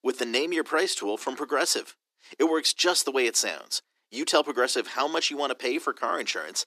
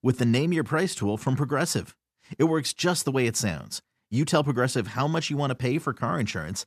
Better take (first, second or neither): second